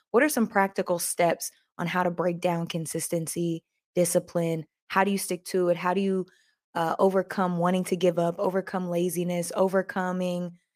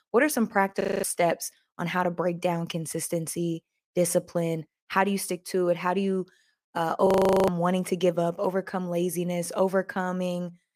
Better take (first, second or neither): first